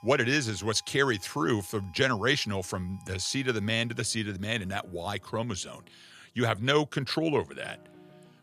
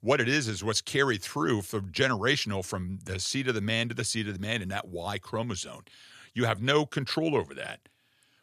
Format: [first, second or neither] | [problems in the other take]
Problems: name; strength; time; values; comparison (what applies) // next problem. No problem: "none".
second | background music; faint; throughout; 30 dB below the speech